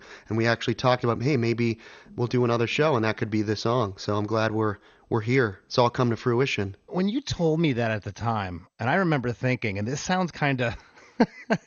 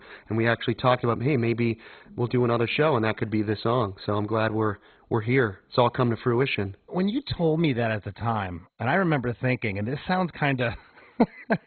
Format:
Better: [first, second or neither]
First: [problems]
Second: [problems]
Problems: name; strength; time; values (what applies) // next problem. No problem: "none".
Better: first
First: garbled, watery; slightly; nothing above 6.5 kHz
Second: garbled, watery; badly; nothing above 4 kHz